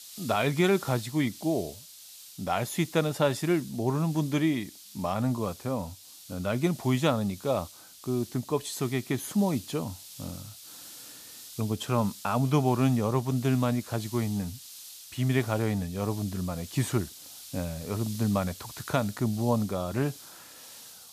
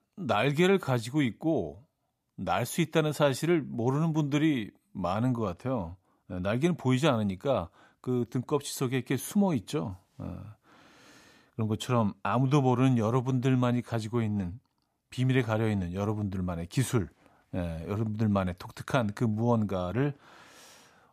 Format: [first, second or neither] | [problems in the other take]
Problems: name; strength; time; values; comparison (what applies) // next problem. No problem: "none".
second | hiss; noticeable; throughout; 15 dB below the speech